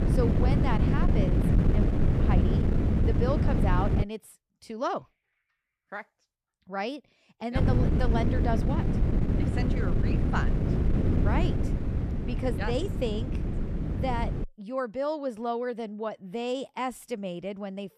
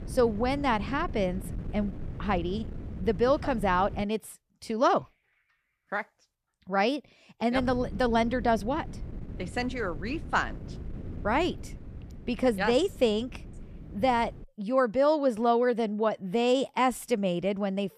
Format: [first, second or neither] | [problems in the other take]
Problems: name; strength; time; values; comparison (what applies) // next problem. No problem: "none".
second | wind noise on the microphone; heavy; until 4 s and from 7.5 to 14 s; 2 dB below the speech; occasional gusts in the second